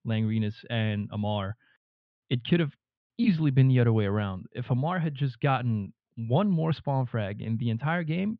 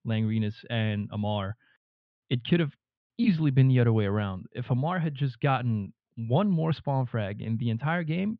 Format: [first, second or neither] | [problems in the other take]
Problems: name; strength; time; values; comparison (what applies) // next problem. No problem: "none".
neither | muffled; very; fading above 3.5 kHz; the same in both